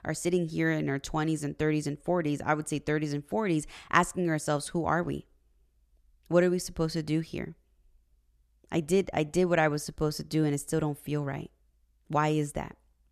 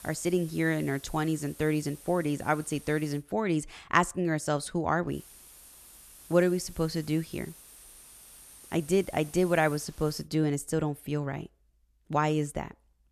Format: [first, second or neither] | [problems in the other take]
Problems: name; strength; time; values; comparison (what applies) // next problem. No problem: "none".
first | hiss; noticeable; until 3 s and from 5 to 10 s; 20 dB below the speech